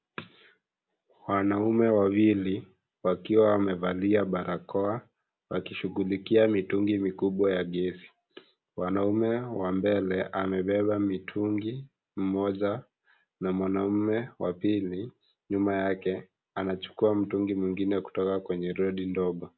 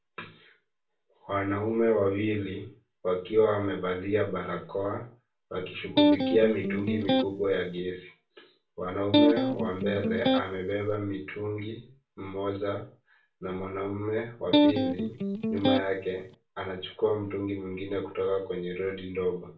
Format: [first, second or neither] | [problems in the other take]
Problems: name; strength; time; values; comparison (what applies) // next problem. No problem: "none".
first | background sound (Electric guitar); 4 dB above the speech // room echo; dies away in 0.3 s